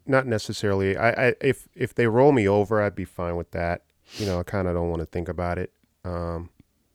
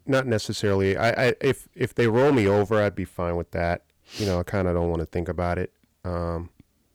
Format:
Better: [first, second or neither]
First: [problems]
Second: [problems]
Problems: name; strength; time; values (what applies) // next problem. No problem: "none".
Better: first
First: none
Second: distortion; slight; 4% of the sound clipped